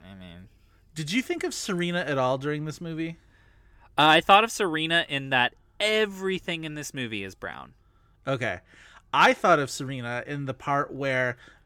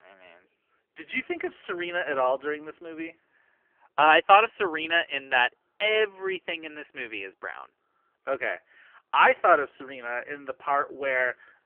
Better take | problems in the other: first | phone-call audio; poor line; nothing above 3 kHz

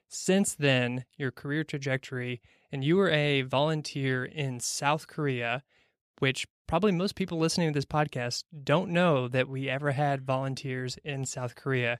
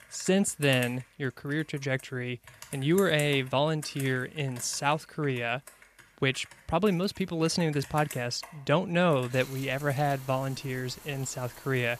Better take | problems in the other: first | household noises; noticeable; throughout; 15 dB below the speech

